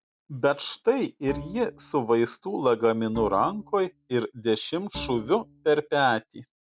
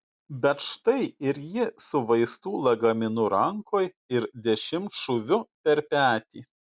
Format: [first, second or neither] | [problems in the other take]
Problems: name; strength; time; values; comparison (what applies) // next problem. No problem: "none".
second | background sound (Bowed string instrument); 17 dB below the speech